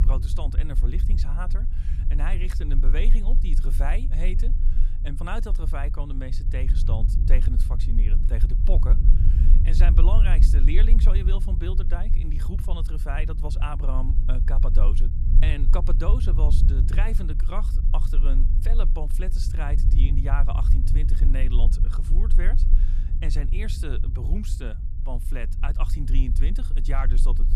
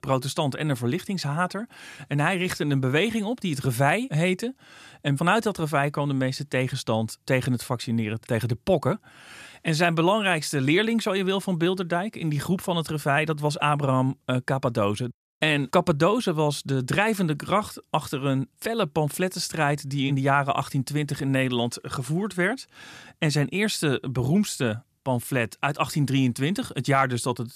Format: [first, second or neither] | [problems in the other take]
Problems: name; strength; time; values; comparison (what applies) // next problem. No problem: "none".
second | low rumble; loud; throughout; 7 dB below the speech